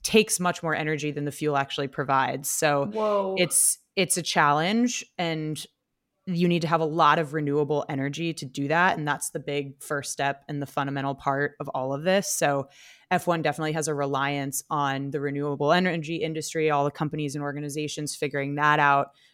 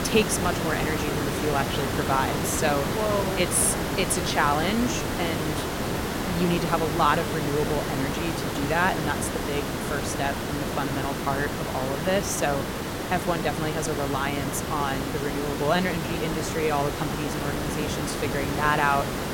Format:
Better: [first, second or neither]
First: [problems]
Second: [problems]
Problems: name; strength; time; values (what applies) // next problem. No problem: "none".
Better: first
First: none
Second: hiss; loud; throughout; 1 dB below the speech